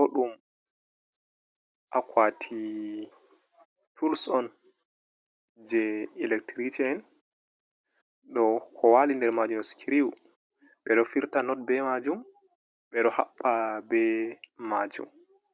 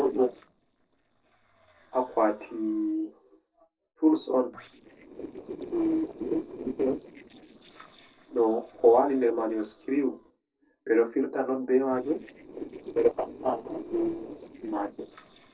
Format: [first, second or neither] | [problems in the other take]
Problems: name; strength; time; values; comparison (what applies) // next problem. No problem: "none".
first | noise reduction (neural separator model SepFormer DNS4)